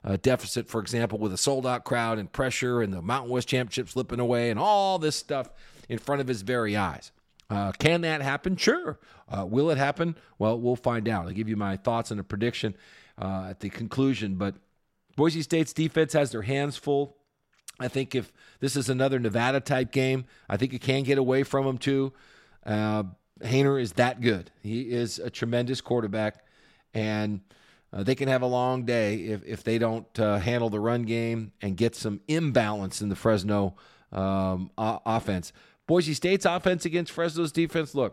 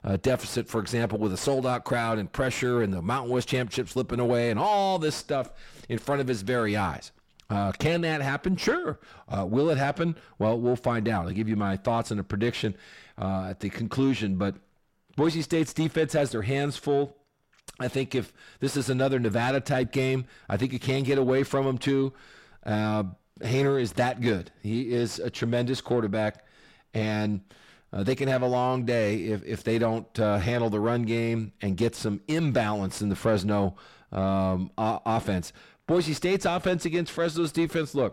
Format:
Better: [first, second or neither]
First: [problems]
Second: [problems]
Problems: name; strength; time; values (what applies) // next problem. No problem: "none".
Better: first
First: none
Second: distortion; slight; 10 dB below the speech